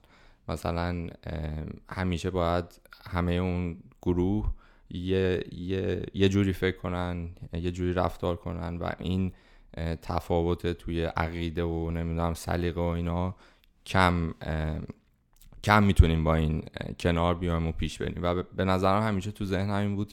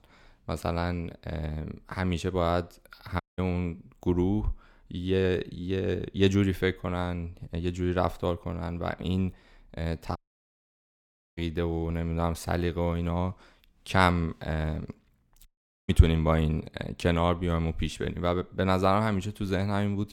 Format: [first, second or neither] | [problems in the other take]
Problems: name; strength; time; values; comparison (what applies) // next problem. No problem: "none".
first | audio cutting out; at 3 s, at 10 s for 1 s and at 15 s